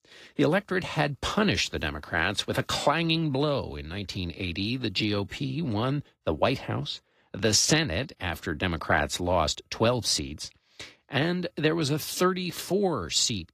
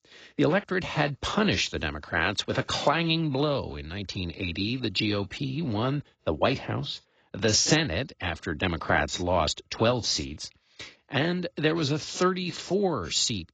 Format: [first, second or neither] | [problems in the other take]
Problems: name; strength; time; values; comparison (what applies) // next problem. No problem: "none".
first | garbled, watery; badly; nothing above 7.5 kHz; slightly in the first